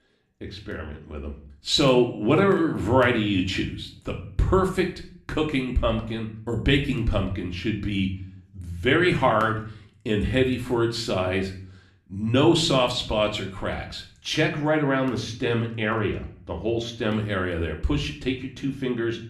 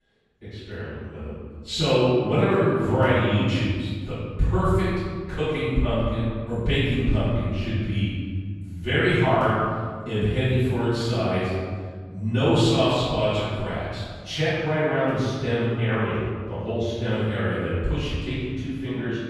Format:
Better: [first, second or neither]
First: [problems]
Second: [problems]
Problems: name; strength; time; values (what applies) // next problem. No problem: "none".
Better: first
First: room echo; slight; dies away in 0.4 s // off-mic speech; somewhat distant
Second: room echo; strong; dies away in 1.8 s // off-mic speech; far